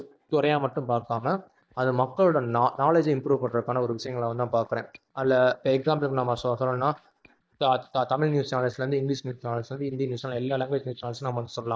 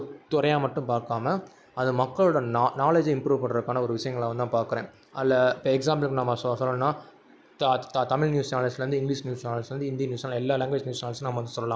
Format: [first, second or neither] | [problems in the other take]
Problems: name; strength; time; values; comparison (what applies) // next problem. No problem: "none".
second | noise reduction (neural mask model DeepFilterNet 3)